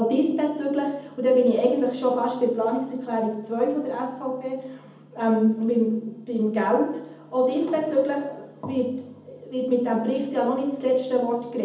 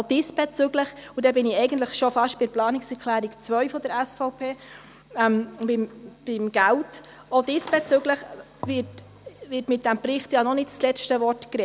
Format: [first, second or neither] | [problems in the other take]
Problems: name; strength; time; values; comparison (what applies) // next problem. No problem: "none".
second | room echo; dies away in 0.8 s